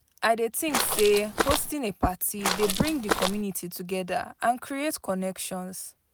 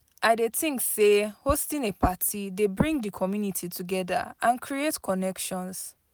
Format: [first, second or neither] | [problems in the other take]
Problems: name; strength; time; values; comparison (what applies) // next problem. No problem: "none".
second | background sound (Walk, footsteps); 1 dB below the speech